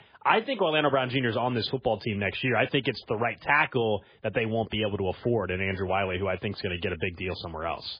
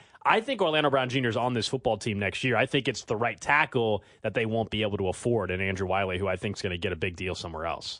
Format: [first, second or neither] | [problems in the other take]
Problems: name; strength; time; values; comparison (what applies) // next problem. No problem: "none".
second | garbled, watery; badly; nothing above 4 kHz; slightly in the second